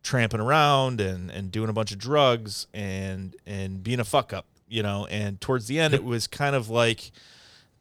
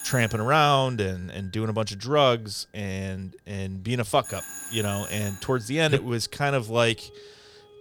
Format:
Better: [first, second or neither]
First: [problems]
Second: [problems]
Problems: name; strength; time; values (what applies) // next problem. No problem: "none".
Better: first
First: none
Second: alarms or sirens; noticeable; throughout; 15 dB below the speech